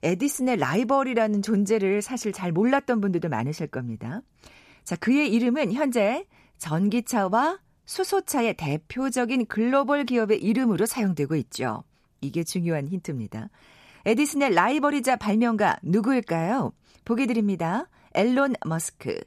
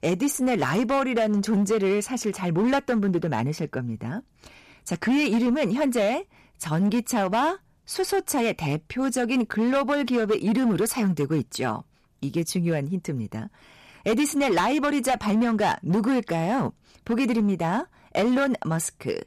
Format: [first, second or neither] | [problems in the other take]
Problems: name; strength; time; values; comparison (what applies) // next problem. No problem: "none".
first | distortion; slight; 9% of the sound clipped